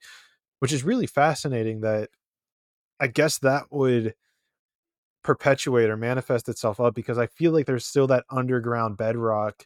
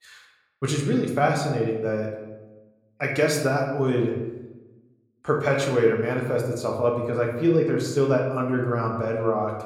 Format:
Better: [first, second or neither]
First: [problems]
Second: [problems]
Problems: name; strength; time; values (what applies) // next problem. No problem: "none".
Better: first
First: none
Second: room echo; slight; dies away in 0.9 s // off-mic speech; somewhat distant